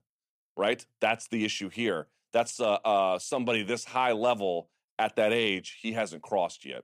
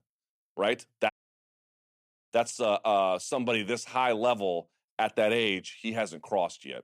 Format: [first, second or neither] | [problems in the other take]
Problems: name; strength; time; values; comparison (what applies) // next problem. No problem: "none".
first | audio cutting out; at 1 s for 1 s